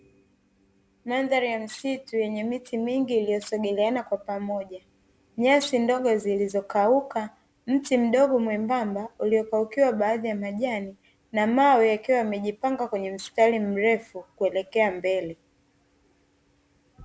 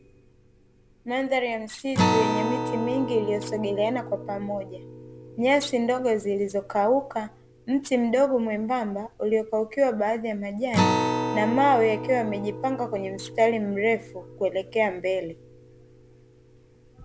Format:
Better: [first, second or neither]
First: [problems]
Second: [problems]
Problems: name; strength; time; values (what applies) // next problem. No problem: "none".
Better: first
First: none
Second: background sound (Acoustic guitar); 6 dB below the speech